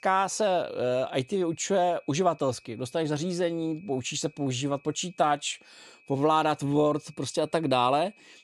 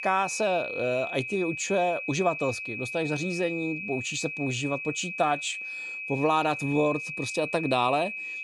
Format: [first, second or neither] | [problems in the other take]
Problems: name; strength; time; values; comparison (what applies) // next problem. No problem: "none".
first | high-pitched whine; loud; throughout; 2.5 kHz, 5 dB below the speech; faint in the first